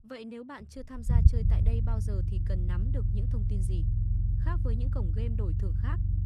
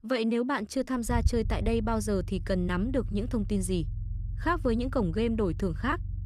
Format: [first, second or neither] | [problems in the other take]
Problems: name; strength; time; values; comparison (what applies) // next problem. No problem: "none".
second | low rumble; loud; throughout; as loud as the speech; faint in the second